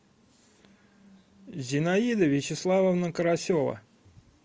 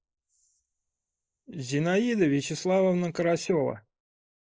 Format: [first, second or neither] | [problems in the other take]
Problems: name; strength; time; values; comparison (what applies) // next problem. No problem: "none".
first | noise reduction (neural mask model Resemble Enhance denoiser)